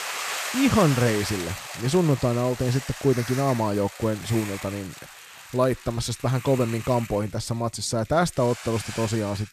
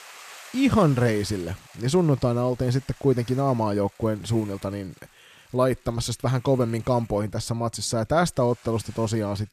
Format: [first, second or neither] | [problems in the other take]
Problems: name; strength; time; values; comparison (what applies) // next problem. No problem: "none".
second | hiss; loud; throughout; 10 dB below the speech; faint in the second